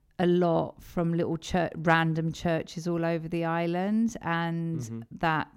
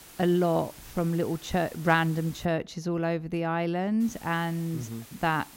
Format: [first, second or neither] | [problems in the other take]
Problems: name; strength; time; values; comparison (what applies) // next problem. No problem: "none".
first | hiss; noticeable; until 2.5 s and from 4 s on; 20 dB below the speech